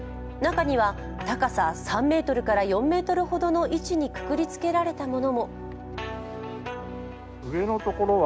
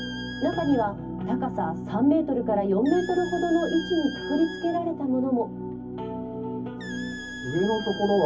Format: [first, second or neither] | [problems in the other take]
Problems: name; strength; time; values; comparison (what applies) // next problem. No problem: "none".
first | background sound (Squeak); 16 dB below the speech // room echo; dies away in 0.3 s